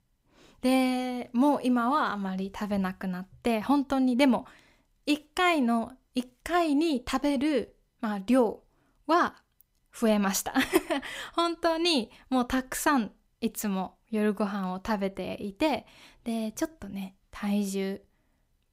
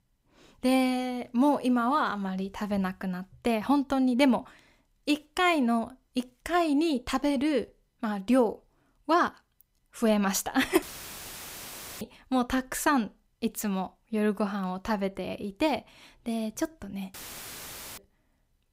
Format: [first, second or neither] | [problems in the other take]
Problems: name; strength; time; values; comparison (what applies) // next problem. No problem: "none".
first | audio cutting out; filled with static; at 11 s for 1 s and at 17 s for 1 s